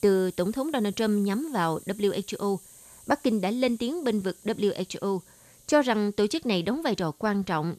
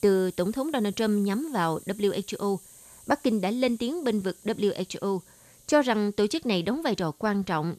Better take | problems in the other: neither | hiss; faint; throughout; 20 dB below the speech; the same in both

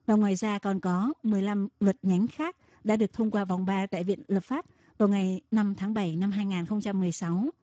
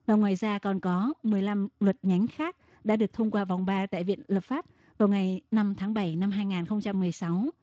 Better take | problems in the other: second | garbled, watery; badly; nothing above 7.5 kHz; slightly in the second

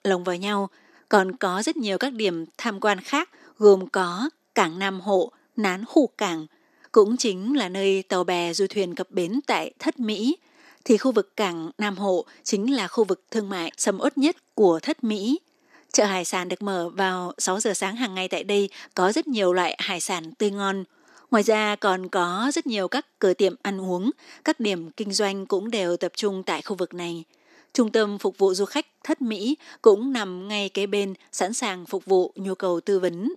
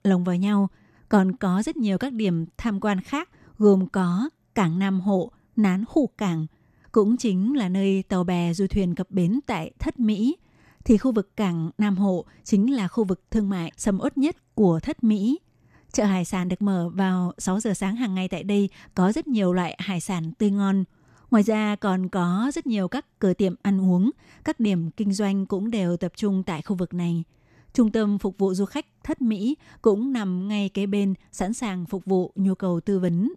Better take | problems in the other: second | thin; somewhat; fading below 300 Hz

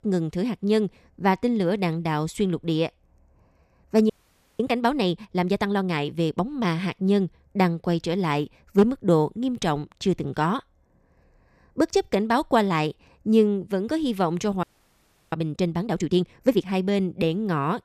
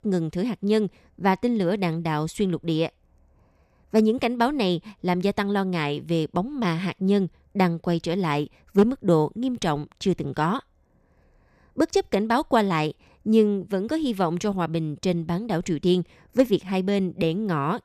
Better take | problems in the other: second | audio freezing; at 4 s and at 15 s for 0.5 s

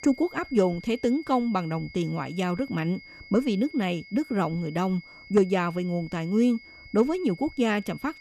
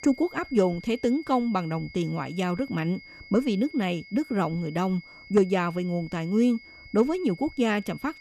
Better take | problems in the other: neither | high-pitched whine; noticeable; throughout; 2 kHz, 20 dB below the speech; the same in both

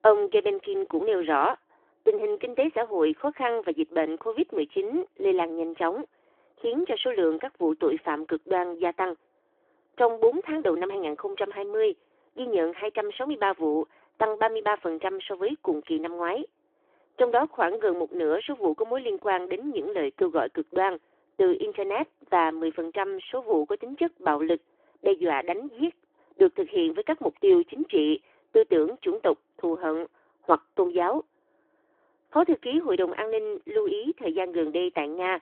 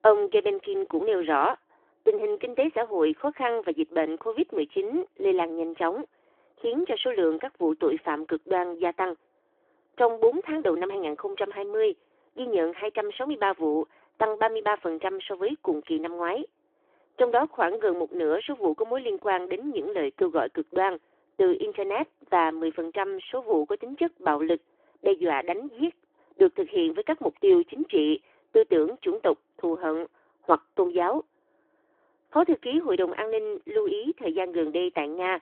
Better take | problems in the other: neither | phone-call audio; the same in both

